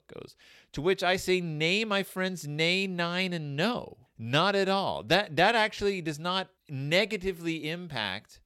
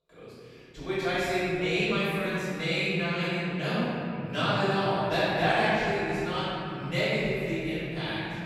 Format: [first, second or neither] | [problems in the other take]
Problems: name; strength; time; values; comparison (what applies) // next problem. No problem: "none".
first | off-mic speech; far // room echo; strong; dies away in 3 s